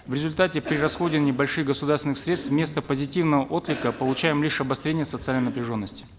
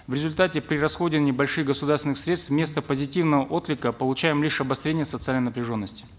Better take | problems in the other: second | background sound (Cough); 14 dB below the speech

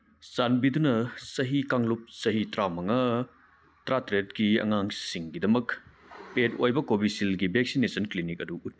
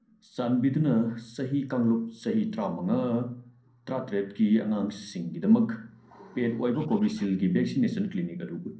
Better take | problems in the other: first | noise reduction (neural separator model SepFormer DNS4)

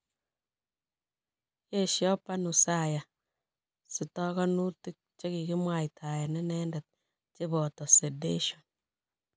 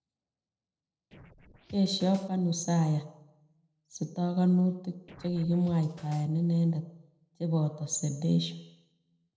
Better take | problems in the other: first | noise reduction (neural separator model SepFormer DNS4)

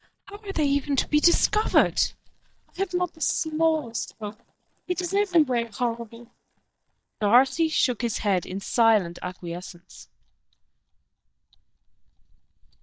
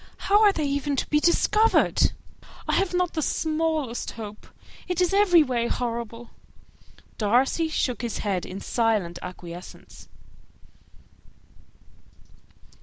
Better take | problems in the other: second | noise reduction (neural mask model DeepFilterNet 3)

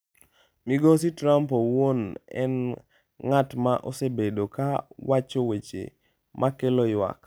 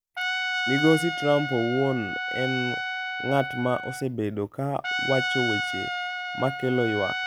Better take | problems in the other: first | background sound (Trumpet); 3 dB below the speech

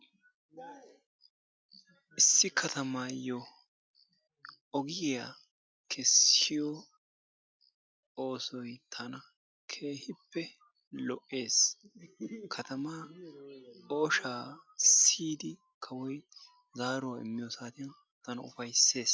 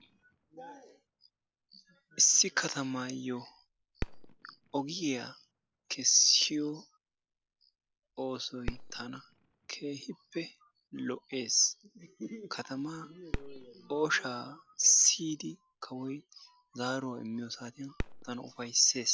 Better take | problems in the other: first | background sound (Fireworks); 14 dB below the speech

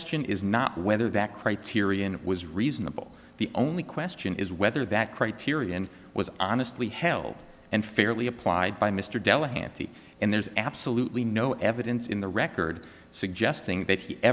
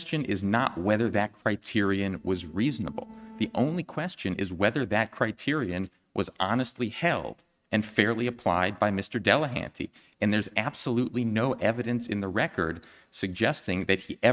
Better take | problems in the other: first | noise reduction (neural mask model RNNoise)

